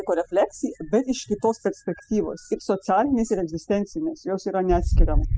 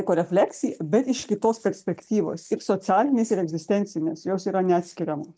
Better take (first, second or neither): second